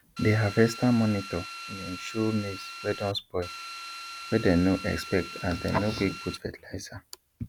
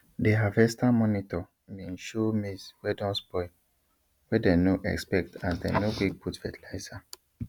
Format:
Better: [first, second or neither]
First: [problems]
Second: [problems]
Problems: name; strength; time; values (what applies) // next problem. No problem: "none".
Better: second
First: background sound (Drill); 12 dB below the speech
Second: none